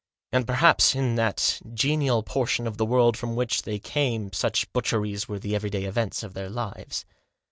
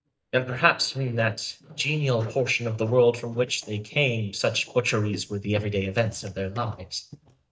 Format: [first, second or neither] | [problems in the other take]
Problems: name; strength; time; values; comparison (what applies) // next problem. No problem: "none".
first | noise reduction (neural mask model DeepFilterNet 3)